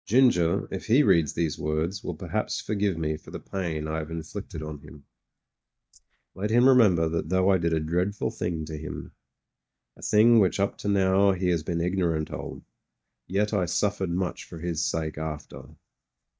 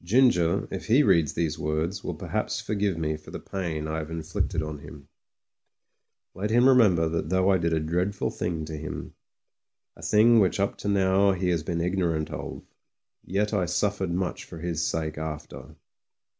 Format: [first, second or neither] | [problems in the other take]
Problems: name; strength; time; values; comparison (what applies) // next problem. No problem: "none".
second | noise reduction (neural mask model DeepFilterNet 3)